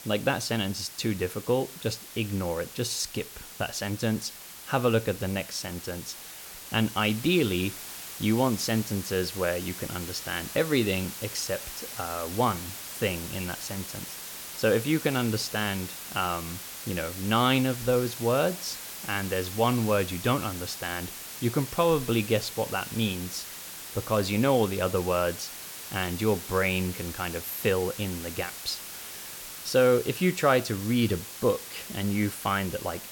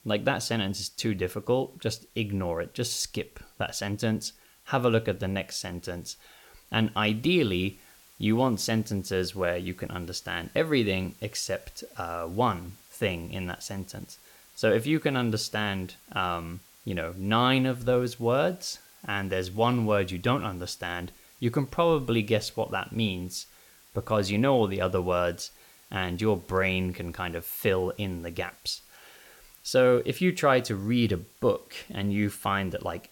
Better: second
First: hiss; loud; throughout; 10 dB below the speech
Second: hiss; faint; throughout; 25 dB below the speech

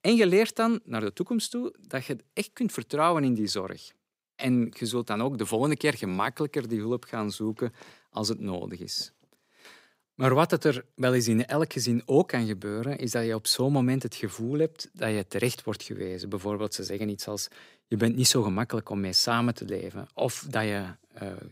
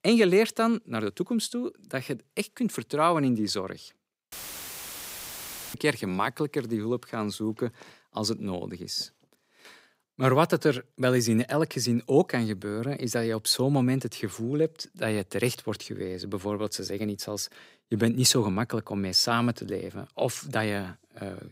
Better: first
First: none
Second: audio cutting out; filled with static; at 4.5 s for 1.5 s

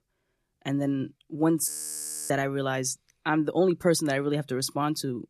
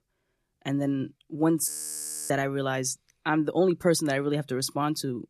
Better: neither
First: audio freezing; at 1.5 s for 0.5 s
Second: audio freezing; at 1.5 s for 0.5 s

